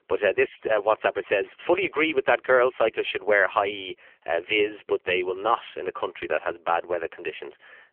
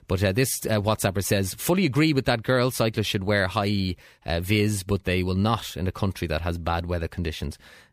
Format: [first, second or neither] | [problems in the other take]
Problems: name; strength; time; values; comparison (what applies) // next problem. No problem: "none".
second | phone-call audio; poor line; nothing above 3 kHz